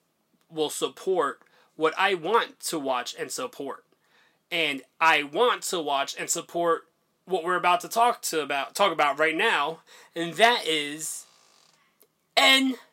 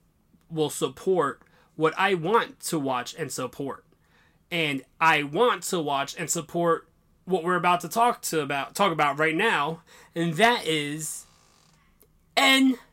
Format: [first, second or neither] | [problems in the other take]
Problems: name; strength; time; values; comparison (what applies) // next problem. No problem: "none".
second | thin; very slightly; fading below 300 Hz